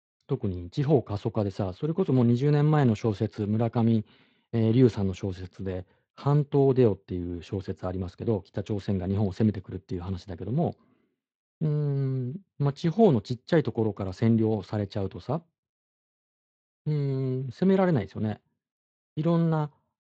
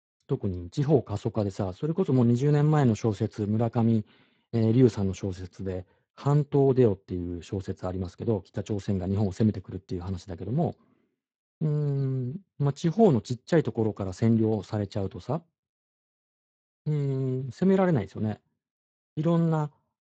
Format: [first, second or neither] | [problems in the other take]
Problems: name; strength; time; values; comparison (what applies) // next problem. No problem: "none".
first | garbled, watery; badly; nothing above 7.5 kHz; slightly in the first